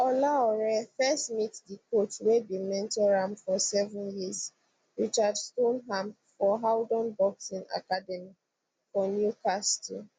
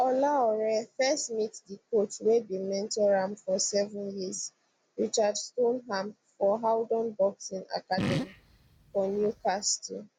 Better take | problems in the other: first | background sound (Fart); 7 dB below the speech

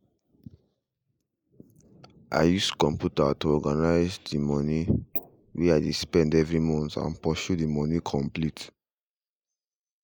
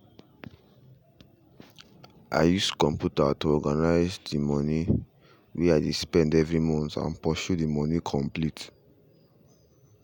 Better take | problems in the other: second | noise reduction (neural mask model Resemble Enhance denoiser)

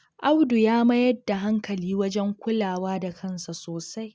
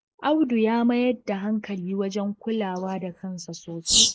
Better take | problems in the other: first | noise reduction (neural mask model Resemble Enhance denoiser)

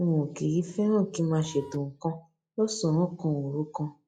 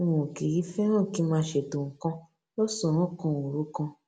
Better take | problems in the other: second | noise reduction (classical method log-MMSE)

